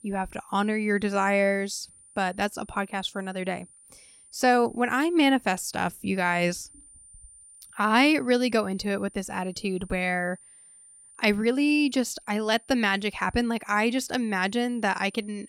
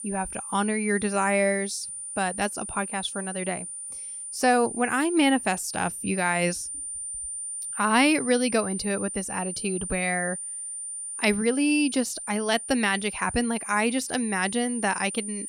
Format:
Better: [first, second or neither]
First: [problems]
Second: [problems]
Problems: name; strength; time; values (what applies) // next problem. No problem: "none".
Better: first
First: high-pitched whine; faint; throughout; 9 kHz, 25 dB below the speech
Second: high-pitched whine; loud; throughout; 9 kHz, 7 dB below the speech